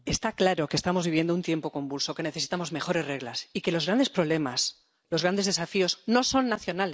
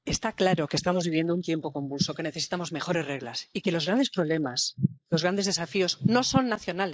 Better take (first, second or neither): first